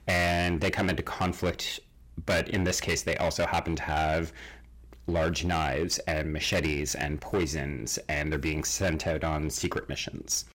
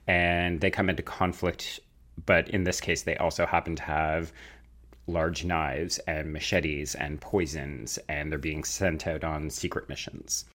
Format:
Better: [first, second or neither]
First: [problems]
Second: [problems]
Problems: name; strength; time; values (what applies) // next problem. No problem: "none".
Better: second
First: distortion; heavy; 10% of the sound clipped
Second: none